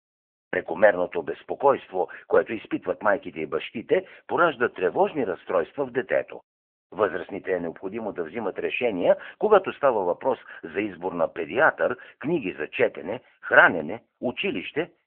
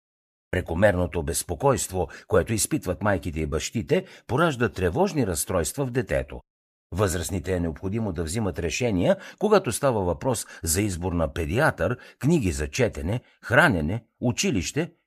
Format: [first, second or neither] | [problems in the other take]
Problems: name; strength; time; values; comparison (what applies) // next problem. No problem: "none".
second | phone-call audio